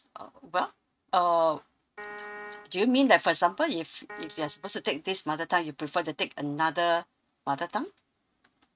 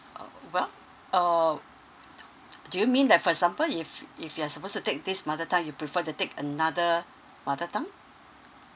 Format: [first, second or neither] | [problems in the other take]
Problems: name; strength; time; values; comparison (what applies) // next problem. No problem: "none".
second | noise reduction (neural mask model RNNoise)